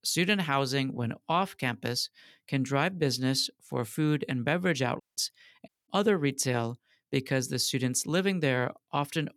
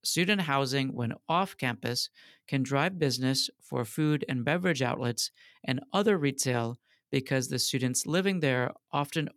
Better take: second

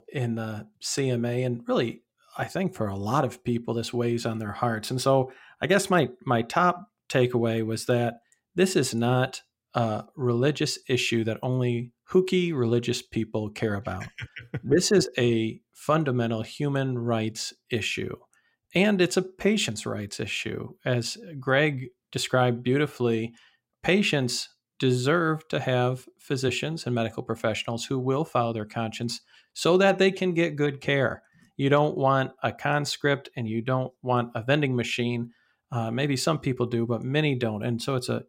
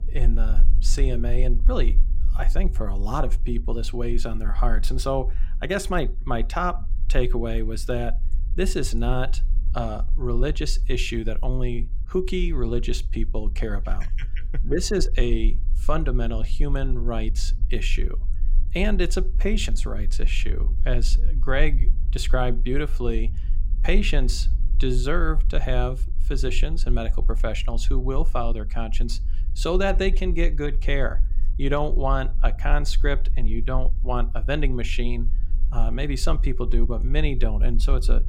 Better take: first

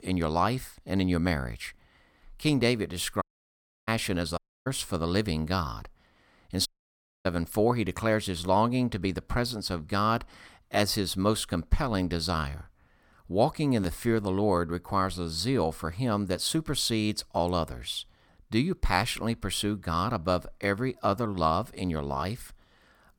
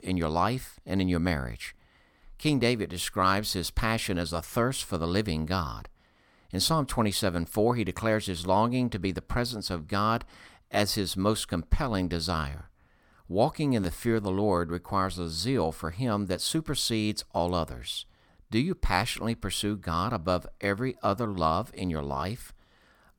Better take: second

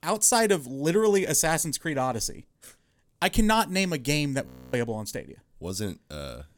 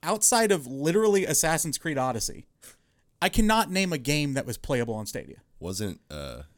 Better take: second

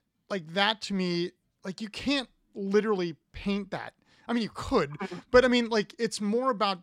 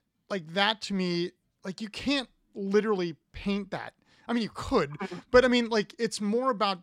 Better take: neither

